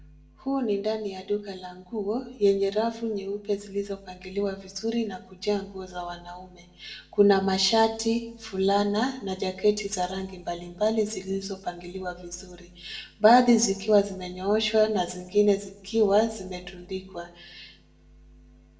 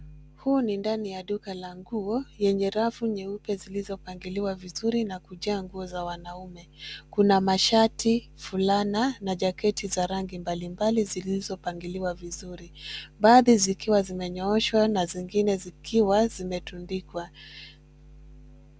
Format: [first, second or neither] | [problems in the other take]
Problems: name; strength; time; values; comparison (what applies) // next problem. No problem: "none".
second | room echo; dies away in 0.6 s